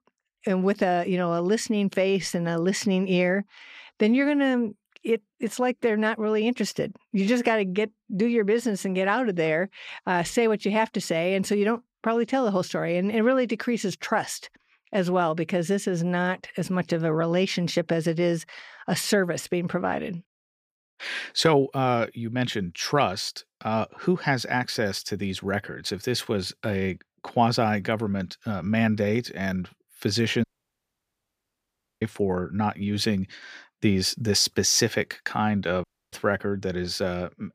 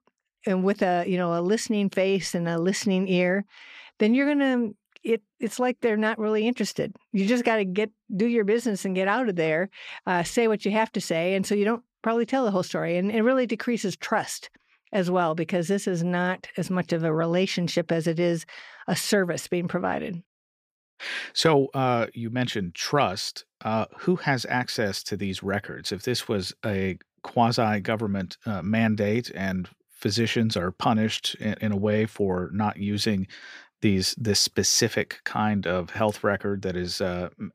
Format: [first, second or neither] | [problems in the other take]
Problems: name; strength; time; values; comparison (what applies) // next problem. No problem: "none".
second | audio cutting out; at 30 s for 1.5 s and at 36 s